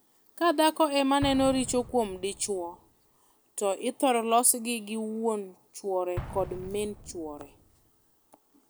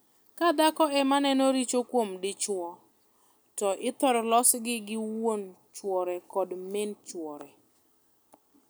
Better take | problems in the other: second | background sound (Explosion); 17 dB below the speech

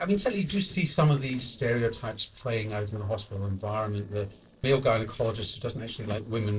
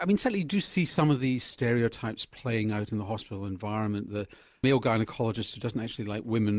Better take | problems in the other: second | noise reduction (neural separator model SepFormer DNS4)

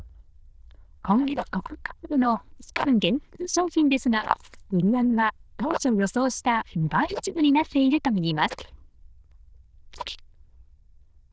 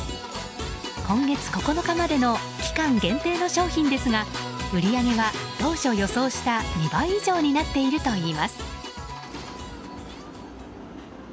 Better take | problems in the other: second | noise reduction (neural diffusion model UNIVERSE++)

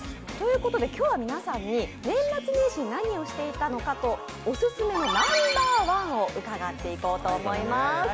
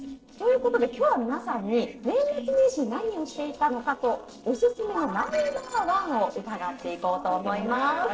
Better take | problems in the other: first | noise reduction (neural separator model SepFormer DNS4)

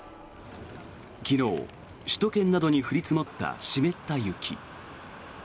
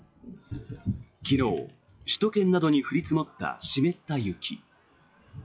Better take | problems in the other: first | noise reduction (classical method log-MMSE)

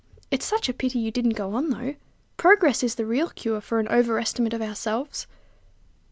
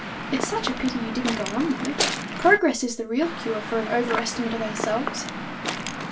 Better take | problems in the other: first | background sound (Waves, surf / Wind); 5 dB below the speech // room echo; dies away in 0.2 s

